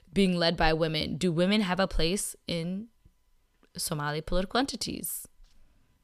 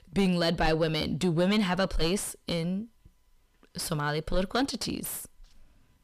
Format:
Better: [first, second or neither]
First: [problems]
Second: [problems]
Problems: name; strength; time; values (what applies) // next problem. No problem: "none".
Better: first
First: none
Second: distortion; slight; 10 dB below the speech